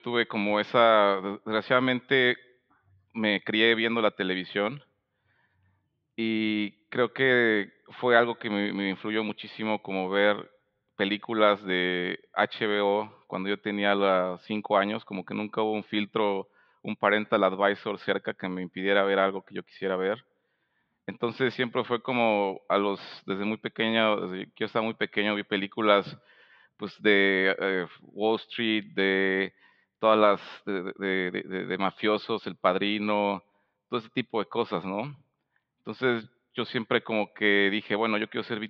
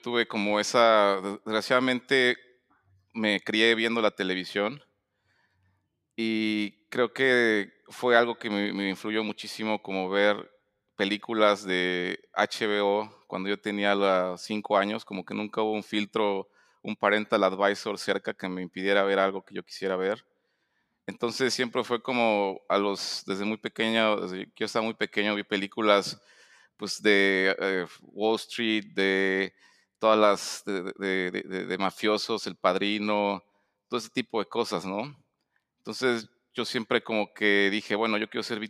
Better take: second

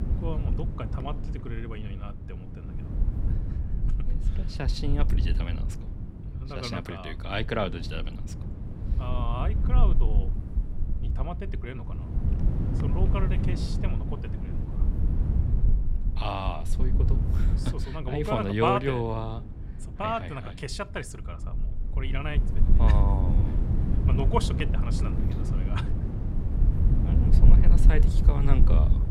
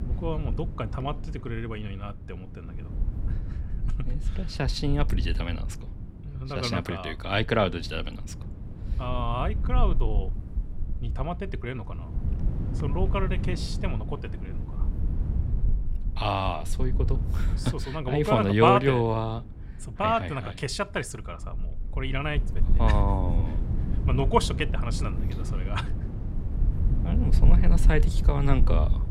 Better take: second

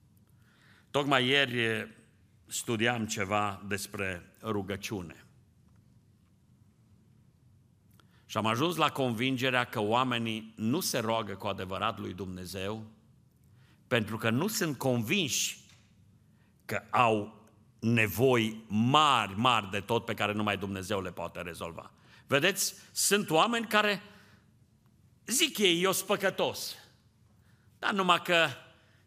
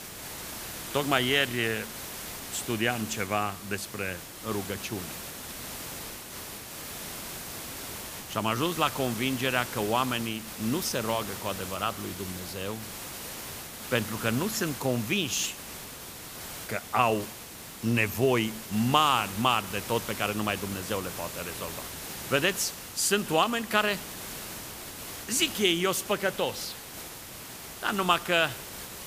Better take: first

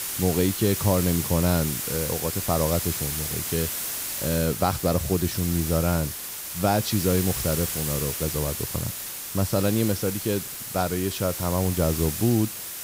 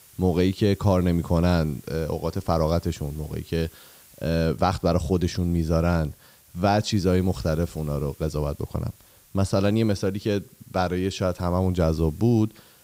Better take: second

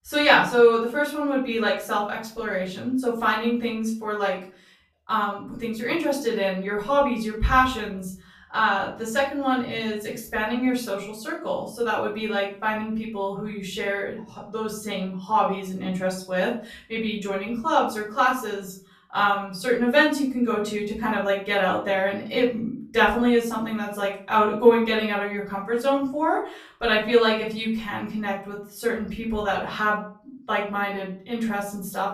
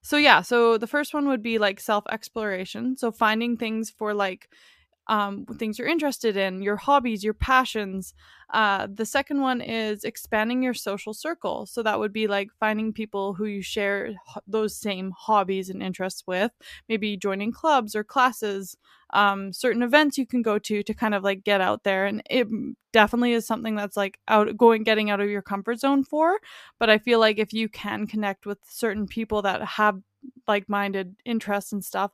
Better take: second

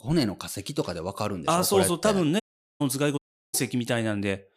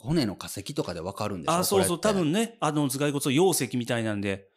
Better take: second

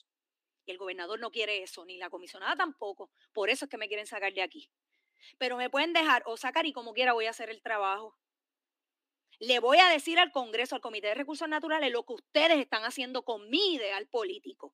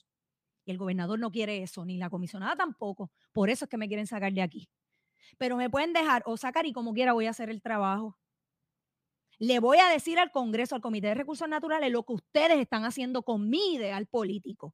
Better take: second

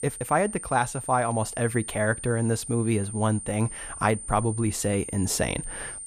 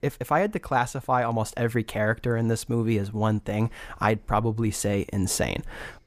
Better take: second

